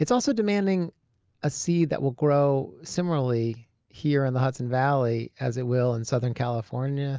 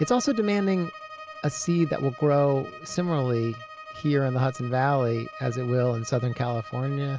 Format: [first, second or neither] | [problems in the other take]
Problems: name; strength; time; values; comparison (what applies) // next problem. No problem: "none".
first | background sound (Bowed string instrument); 16 dB below the speech